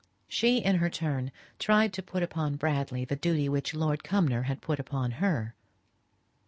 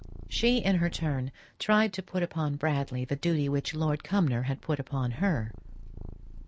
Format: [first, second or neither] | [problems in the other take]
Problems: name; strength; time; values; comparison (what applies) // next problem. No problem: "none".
first | background sound (Purr); 14 dB below the speech